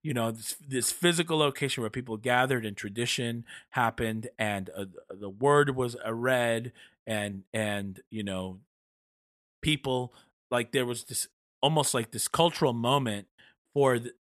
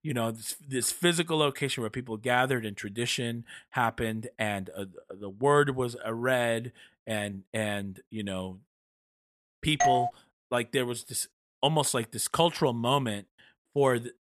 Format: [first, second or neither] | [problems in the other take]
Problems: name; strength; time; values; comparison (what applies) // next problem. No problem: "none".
first | doorbell; loud; at 10 s; peak 4 dB above the speech